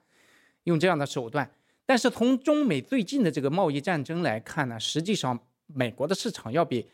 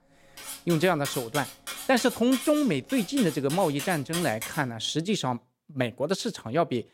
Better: first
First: none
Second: clattering dishes; noticeable; until 4.5 s; peak 6 dB below the speech

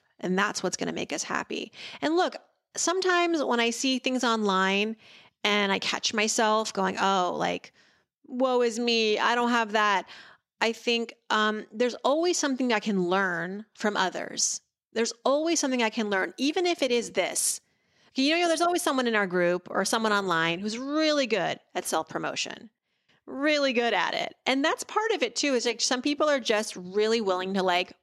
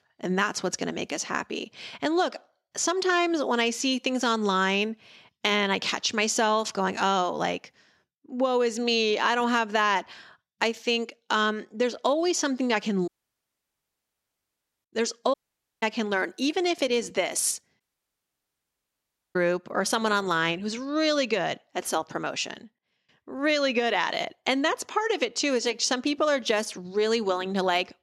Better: first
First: none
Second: audio cutting out; at 13 s for 2 s, at 15 s and at 18 s for 1.5 s

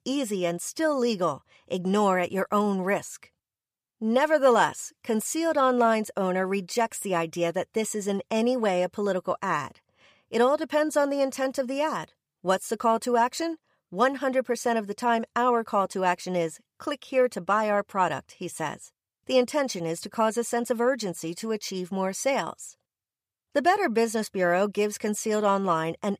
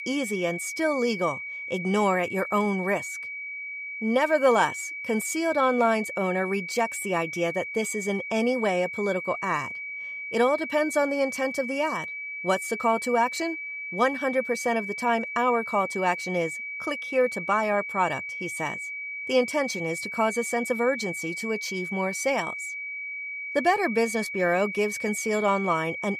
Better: first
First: none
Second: high-pitched whine; loud; throughout; 2.5 kHz, 6 dB below the speech

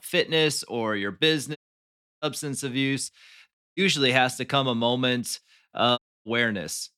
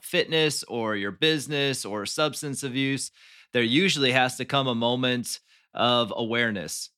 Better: second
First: audio cutting out; at 1.5 s for 0.5 s, at 3.5 s and at 6 s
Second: none

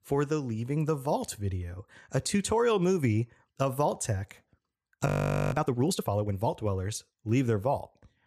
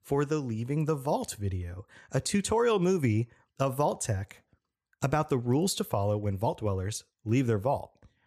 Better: second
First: audio freezing; at 5 s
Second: none

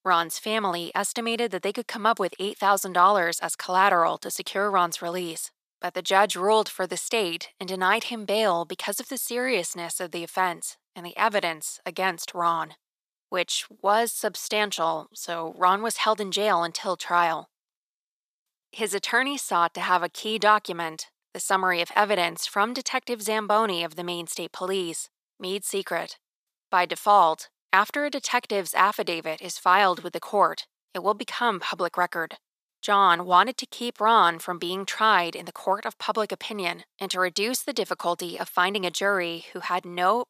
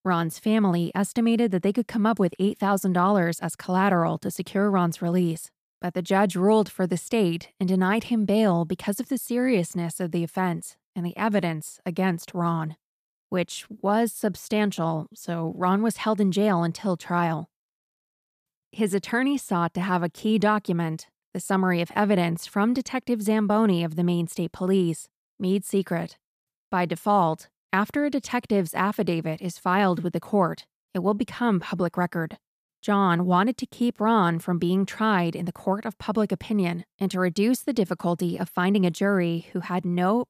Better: second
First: thin; very; fading below 550 Hz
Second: none

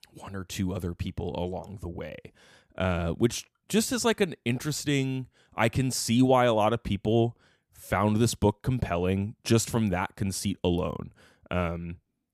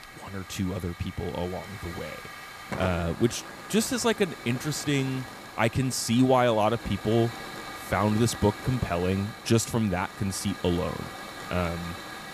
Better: first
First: none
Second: hiss; noticeable; throughout; 10 dB below the speech

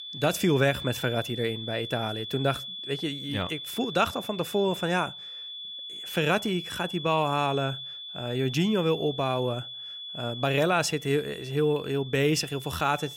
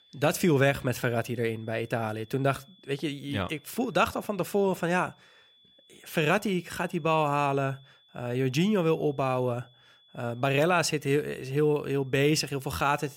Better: second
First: high-pitched whine; loud; throughout; 3.5 kHz, 9 dB below the speech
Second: high-pitched whine; faint; throughout; 3.5 kHz, 30 dB below the speech

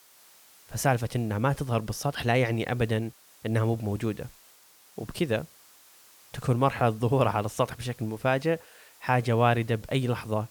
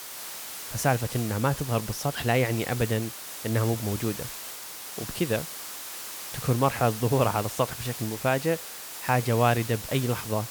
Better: first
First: hiss; faint; throughout; 25 dB below the speech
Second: hiss; loud; throughout; 8 dB below the speech

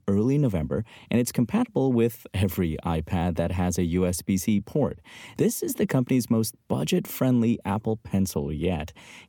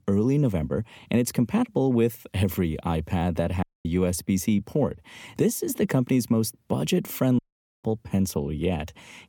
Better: first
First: none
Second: audio cutting out; at 3.5 s and at 7.5 s

